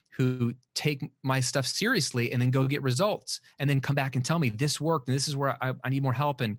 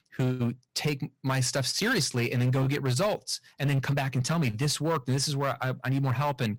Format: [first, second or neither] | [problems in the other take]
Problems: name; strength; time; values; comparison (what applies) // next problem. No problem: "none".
first | distortion; slight; 9% of the sound clipped